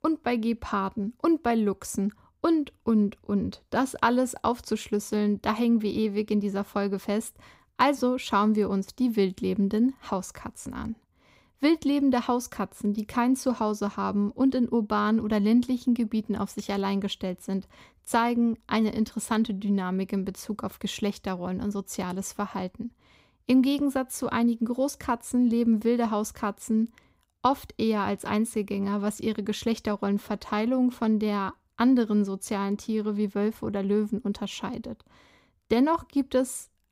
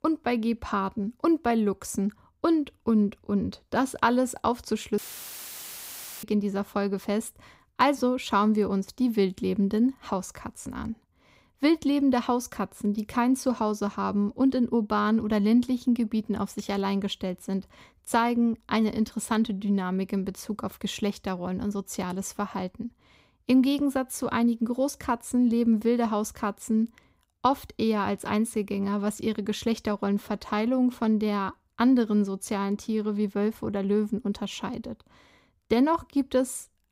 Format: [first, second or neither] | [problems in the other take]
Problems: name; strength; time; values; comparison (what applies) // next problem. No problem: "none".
first | audio cutting out; filled with static; at 5 s for 1.5 s